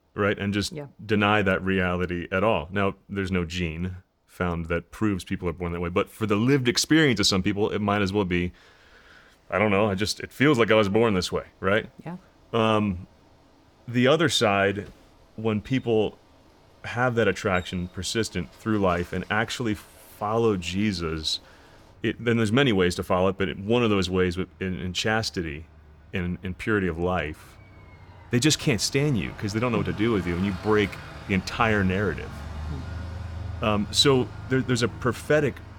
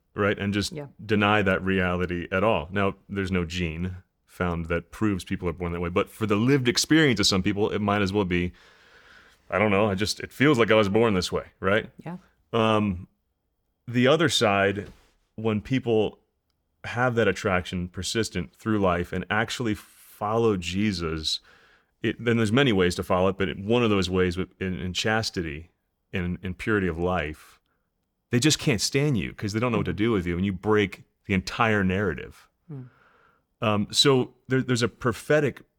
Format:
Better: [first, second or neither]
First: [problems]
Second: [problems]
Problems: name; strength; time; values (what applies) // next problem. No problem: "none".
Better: second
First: traffic noise; noticeable; throughout; 20 dB below the speech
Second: none